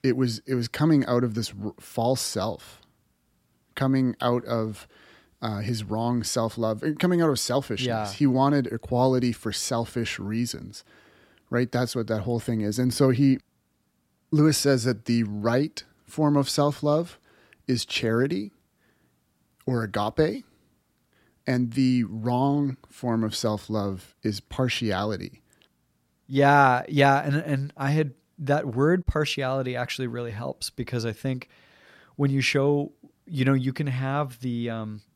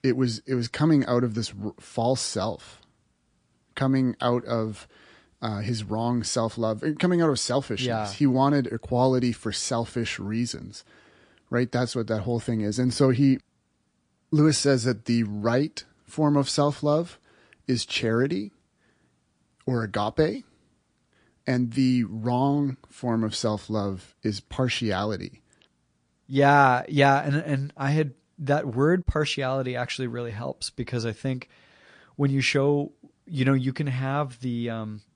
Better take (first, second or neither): first